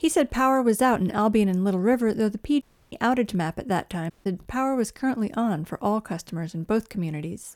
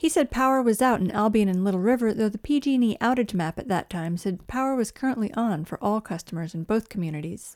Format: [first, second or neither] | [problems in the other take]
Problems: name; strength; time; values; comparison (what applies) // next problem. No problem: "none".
second | audio cutting out; at 2.5 s and at 4 s